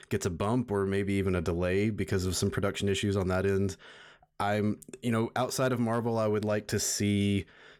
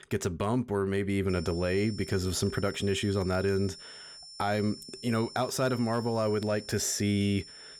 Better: first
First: none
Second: high-pitched whine; noticeable; from 1.5 s on; 5.5 kHz, 15 dB below the speech

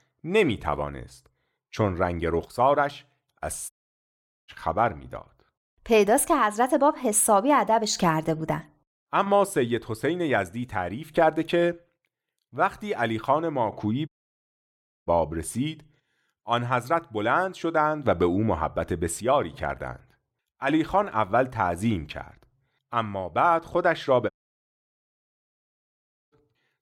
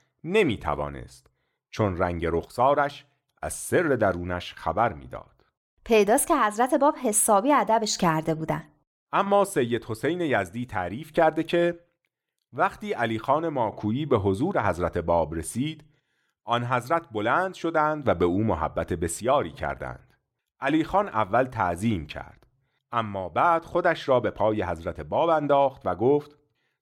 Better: second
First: audio cutting out; at 3.5 s for 1 s, at 14 s for 1 s and at 24 s for 2 s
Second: none

